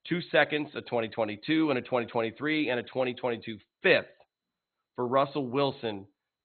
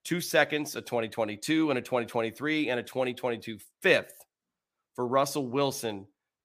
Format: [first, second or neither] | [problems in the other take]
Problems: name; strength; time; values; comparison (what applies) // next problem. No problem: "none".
second | garbled, watery; badly; nothing above 4 kHz